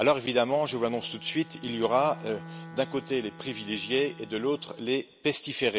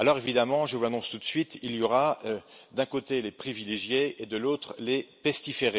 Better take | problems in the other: second | background sound (Bowed string instrument); 18 dB below the speech

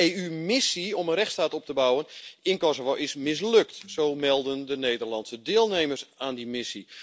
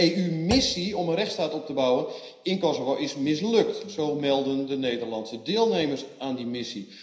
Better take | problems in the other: first | background sound (Thump, thud); 14 dB below the speech // room echo; dies away in 0.9 s

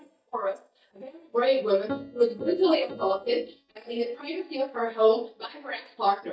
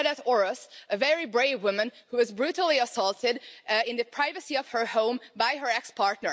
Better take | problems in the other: second | noise reduction (neural mask model DeepFilterNet 3)

